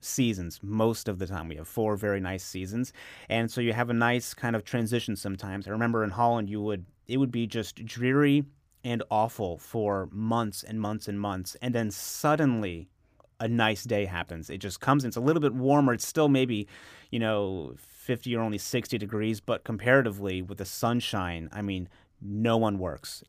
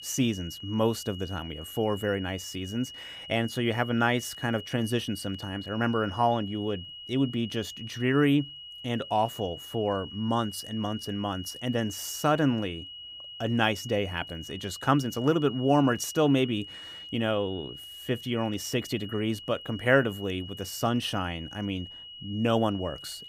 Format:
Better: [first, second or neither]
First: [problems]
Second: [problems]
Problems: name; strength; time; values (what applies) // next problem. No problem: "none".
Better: first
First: none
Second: high-pitched whine; noticeable; throughout; 3 kHz, 10 dB below the speech